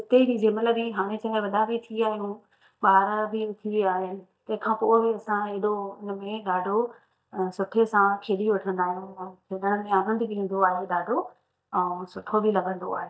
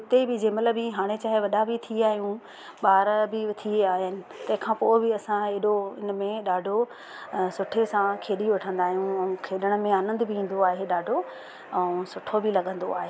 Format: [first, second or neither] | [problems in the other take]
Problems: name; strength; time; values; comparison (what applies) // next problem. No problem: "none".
second | noise reduction (neural mask model DeepFilterNet 3)